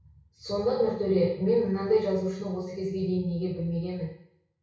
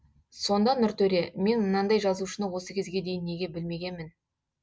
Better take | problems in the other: second | room echo; dies away in 0.6 s

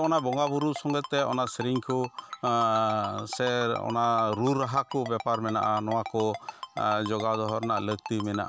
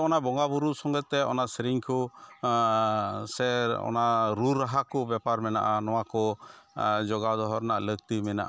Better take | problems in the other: second | background sound (Ringtone); 13 dB below the speech

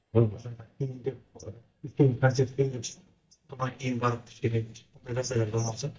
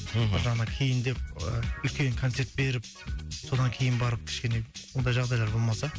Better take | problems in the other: second | noise reduction (neural mask model DeepFilterNet 3)

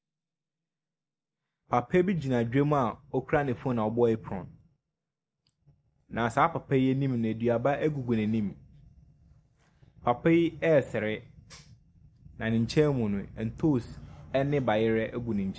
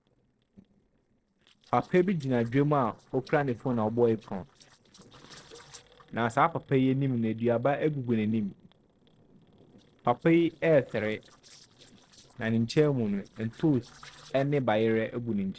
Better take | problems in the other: first | noise reduction (neural separator model SepFormer DNS4)

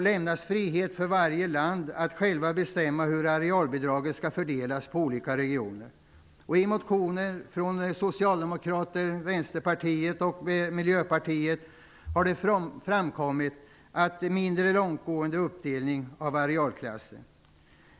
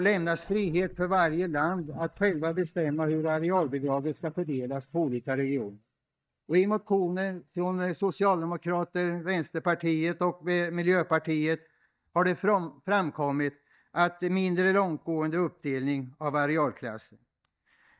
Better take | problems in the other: first | noise reduction (neural mask model DeepFilterNet 3)

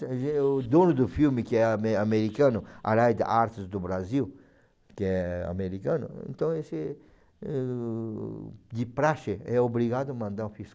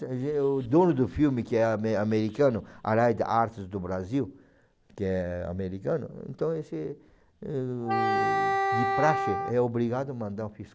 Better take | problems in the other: first | background sound (Wind instrument, woodwind instrument); as loud as the speech

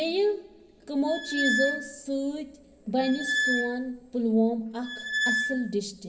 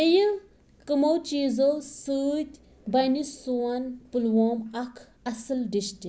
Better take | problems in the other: second | background sound (Squeak); 1 dB below the speech // room echo; dies away in 1.7 s

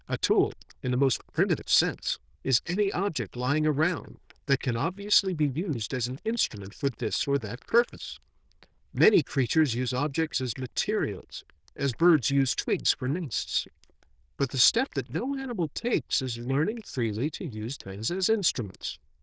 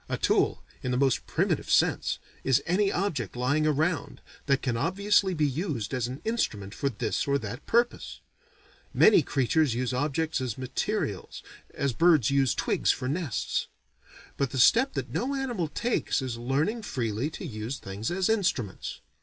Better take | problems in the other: second | noise reduction (neural diffusion model UNIVERSE++)

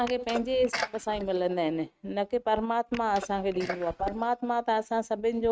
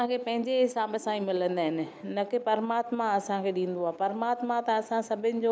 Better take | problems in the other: second | noise reduction (neural mask model RNNoise)

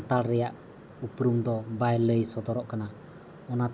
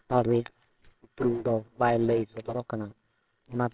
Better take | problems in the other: first | noise reduction (neural separator model SepFormer WHAMR!)

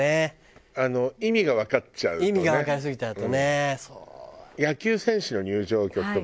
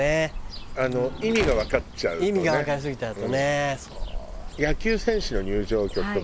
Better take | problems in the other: first | background sound (Slam + Cricket / Bird); 7 dB below the speech

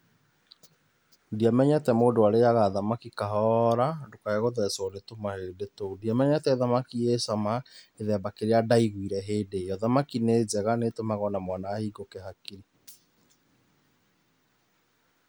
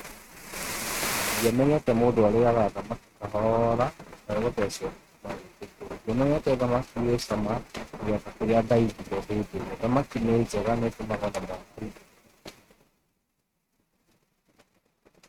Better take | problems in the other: first | noise reduction (neural mask model RNNoise)

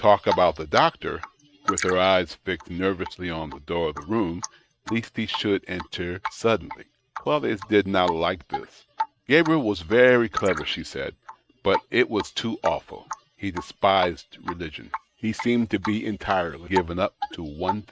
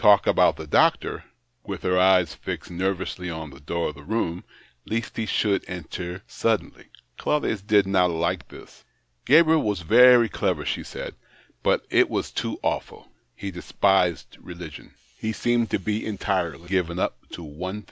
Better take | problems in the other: second | noise reduction (neural mask model RNNoise)

